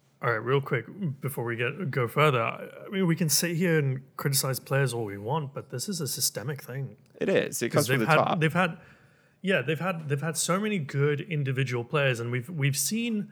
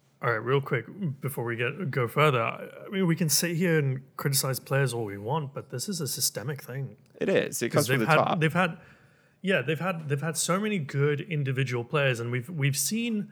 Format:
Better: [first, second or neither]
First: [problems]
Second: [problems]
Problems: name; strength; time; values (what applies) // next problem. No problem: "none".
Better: neither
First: none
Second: none